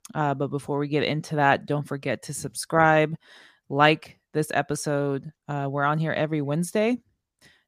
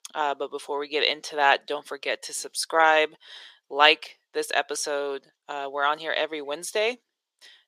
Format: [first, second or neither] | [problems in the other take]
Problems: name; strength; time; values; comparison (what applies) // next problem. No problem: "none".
first | thin; very; fading below 400 Hz